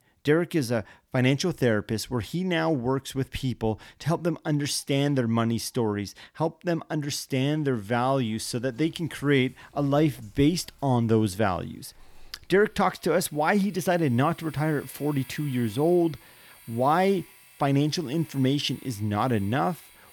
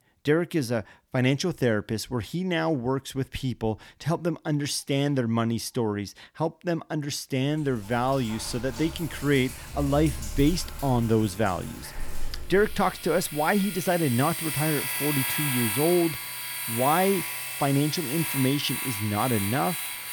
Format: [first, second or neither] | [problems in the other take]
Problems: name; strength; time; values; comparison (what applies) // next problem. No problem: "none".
first | household noises; loud; from 8 s on; 5 dB below the speech; faint in the first